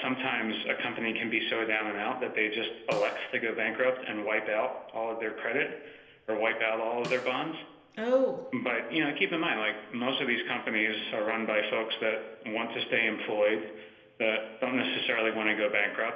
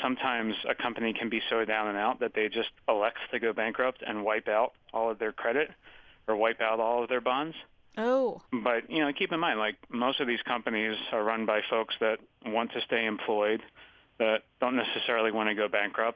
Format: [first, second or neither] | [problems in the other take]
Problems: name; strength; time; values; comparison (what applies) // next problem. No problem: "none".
second | background sound (Snare drum); 18 dB below the speech // room echo; dies away in 1.4 s